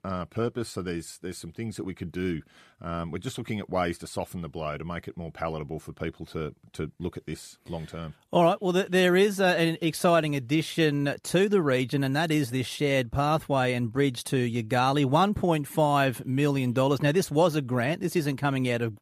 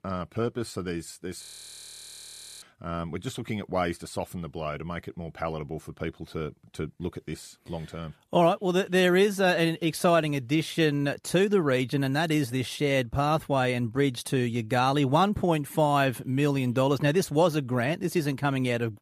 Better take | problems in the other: first | audio freezing; at 1.5 s for 1 s

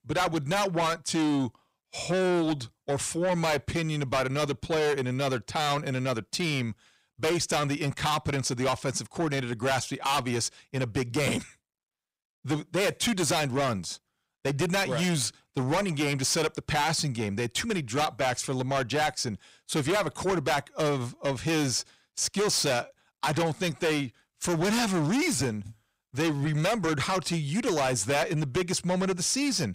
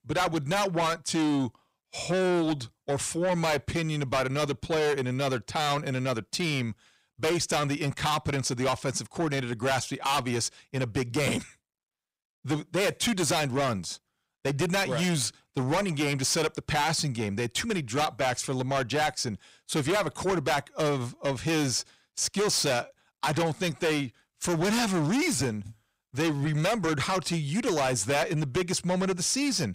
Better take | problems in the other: neither | distortion; heavy; 6 dB below the speech; the same in both

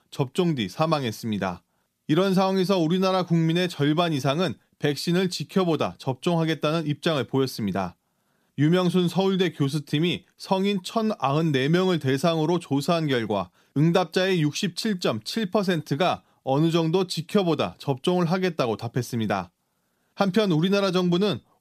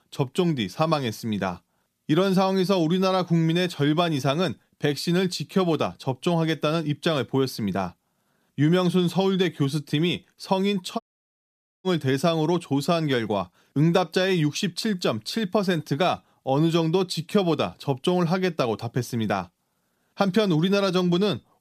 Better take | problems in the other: first | audio cutting out; at 11 s for 1 s

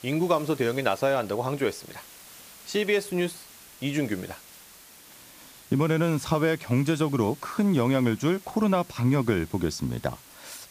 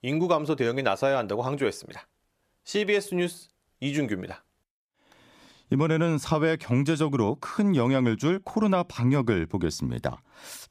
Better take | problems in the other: second | hiss; faint; throughout; 20 dB below the speech

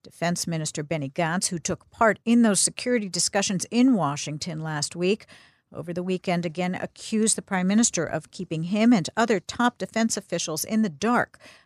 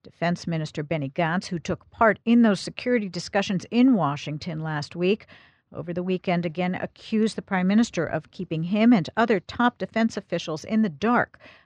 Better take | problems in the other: first | muffled; slightly; fading above 3.5 kHz

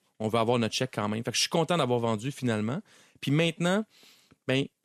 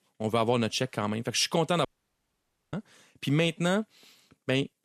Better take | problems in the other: first | audio cutting out; at 2 s for 1 s

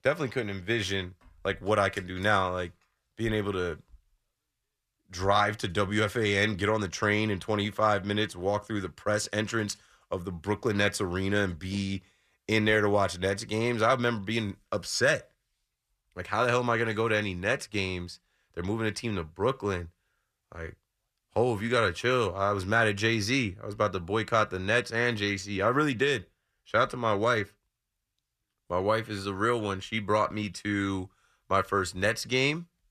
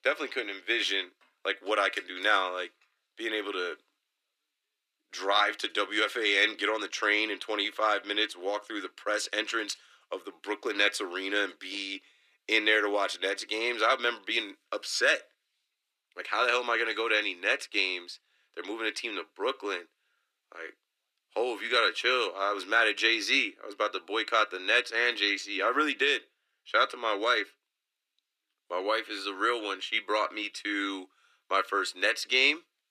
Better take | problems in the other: first | thin; somewhat; fading below 300 Hz

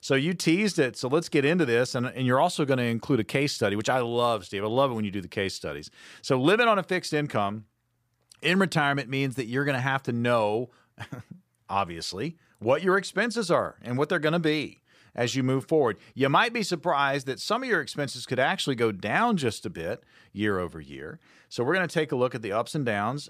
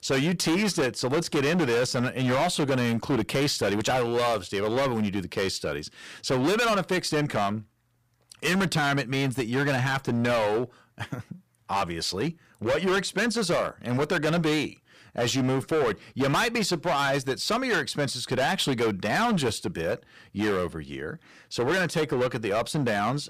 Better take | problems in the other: first | distortion; heavy; 18% of the sound clipped

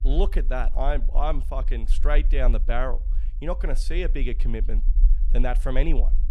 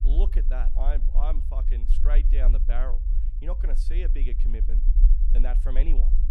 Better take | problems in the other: first | low rumble; loud; throughout; 9 dB below the speech; faint in the first

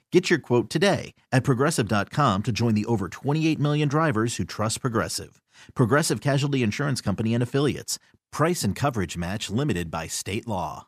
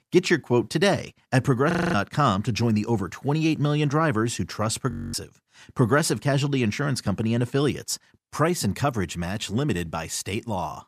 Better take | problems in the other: first | audio freezing; at 1.5 s and at 5 s

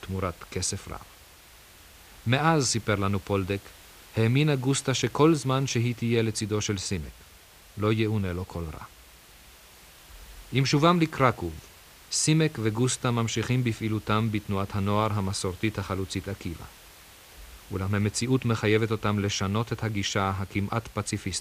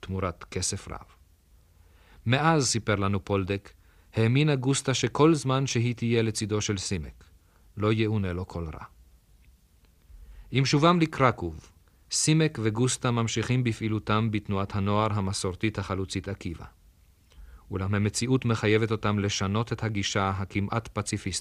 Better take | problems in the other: second | hiss; faint; throughout; 25 dB below the speech

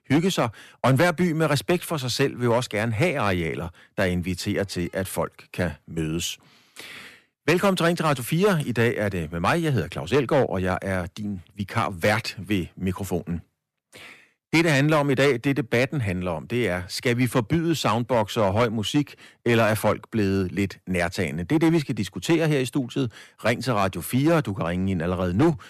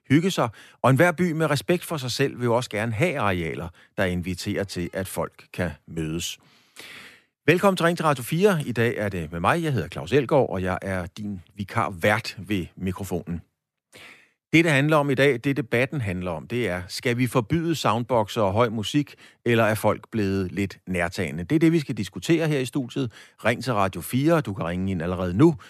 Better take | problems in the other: second | distortion; slight; 4% of the sound clipped

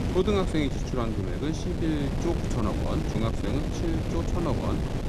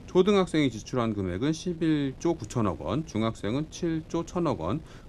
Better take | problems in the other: second | wind noise on the microphone; heavy; 3 dB below the speech; occasional gusts in the second

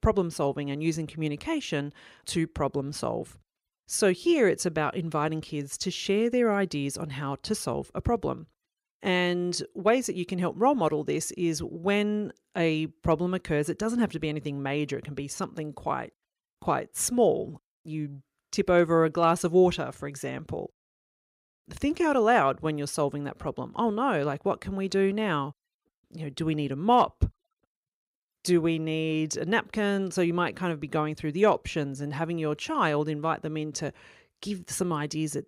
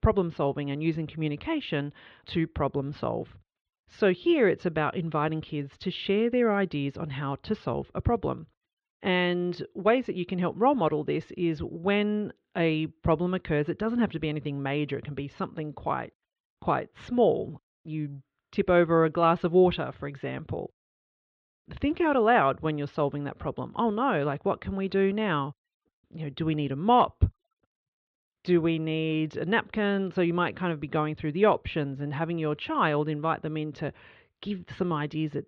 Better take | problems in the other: first | muffled; very; fading above 3.5 kHz

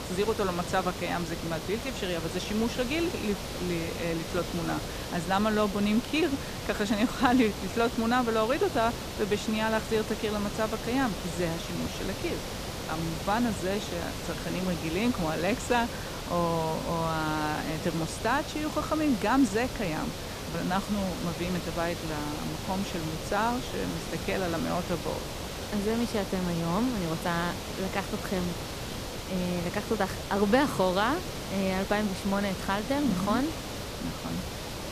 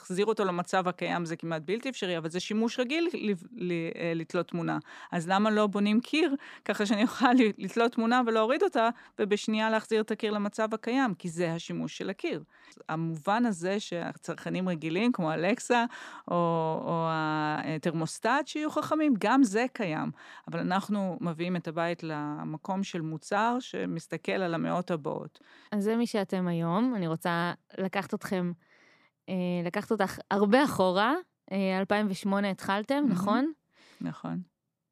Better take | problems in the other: second | hiss; loud; throughout; 6 dB below the speech

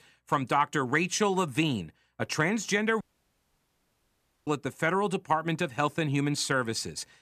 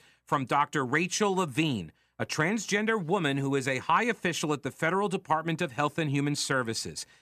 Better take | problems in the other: second | audio cutting out; at 3 s for 1.5 s

